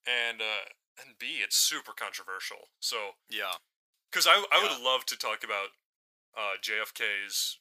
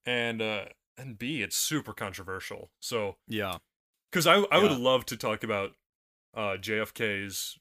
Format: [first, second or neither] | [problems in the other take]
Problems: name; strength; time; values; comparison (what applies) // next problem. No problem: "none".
second | thin; very; fading below 850 Hz